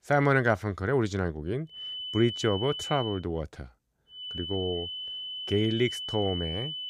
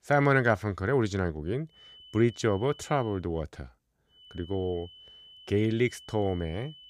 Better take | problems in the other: second | high-pitched whine; loud; from 2 to 3 s and from 4 s on; 3 kHz, 6 dB below the speech; faint in the second

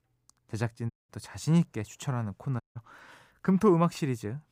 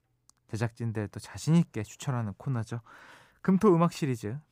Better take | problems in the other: second | audio cutting out; at 1 s and at 2.5 s

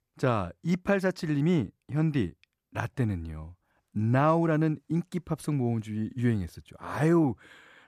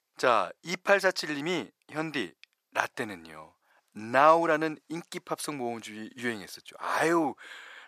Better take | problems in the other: first | thin; very; fading below 600 Hz

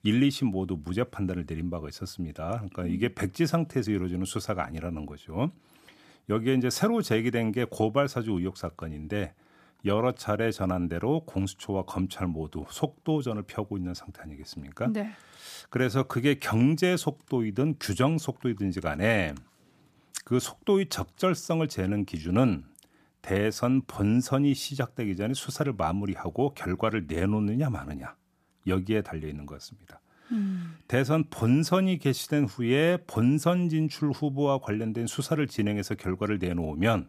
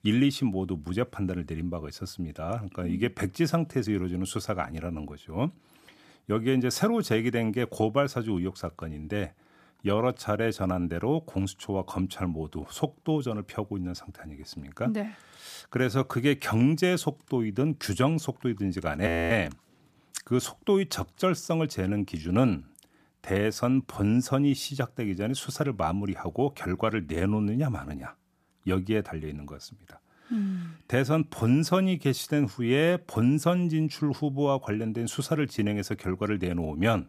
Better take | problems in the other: first | audio freezing; at 19 s

